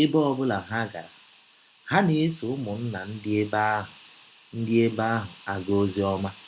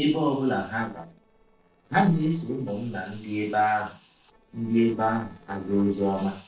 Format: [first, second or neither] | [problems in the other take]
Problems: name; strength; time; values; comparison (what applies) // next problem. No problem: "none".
first | noise reduction (neural separator model SepFormer DNS4)